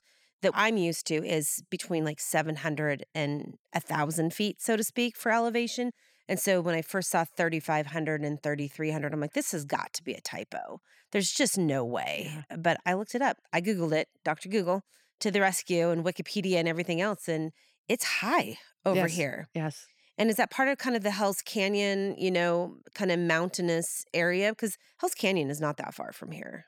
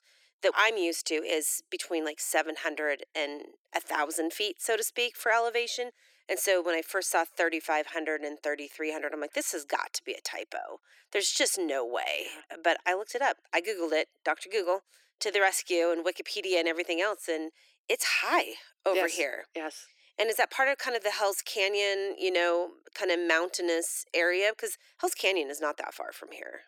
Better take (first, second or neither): first